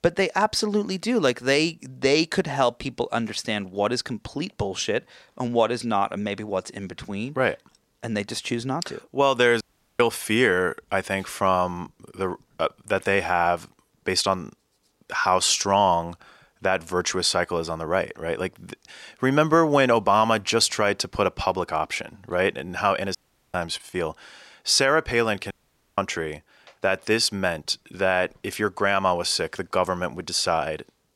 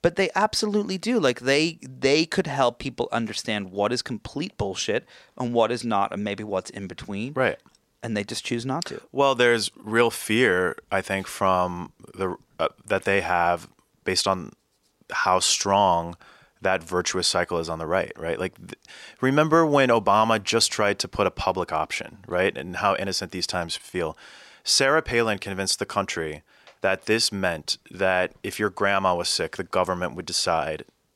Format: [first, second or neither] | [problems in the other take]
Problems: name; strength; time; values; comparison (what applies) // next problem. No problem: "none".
second | audio cutting out; at 9.5 s, at 23 s and at 26 s